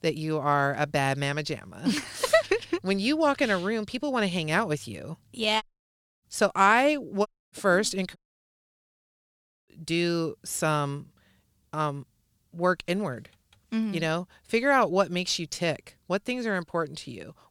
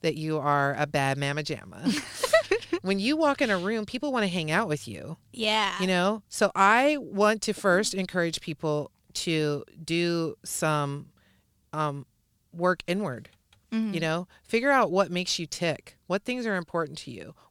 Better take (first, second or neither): second